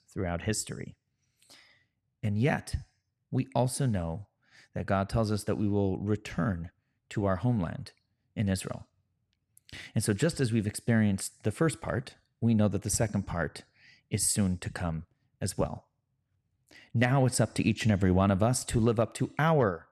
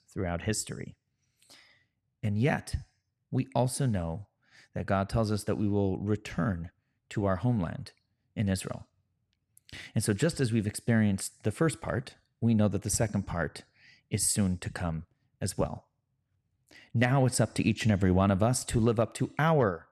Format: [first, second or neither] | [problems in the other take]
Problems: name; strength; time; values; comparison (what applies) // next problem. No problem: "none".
neither | none